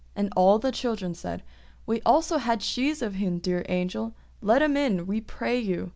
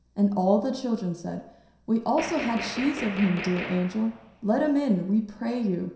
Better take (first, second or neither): first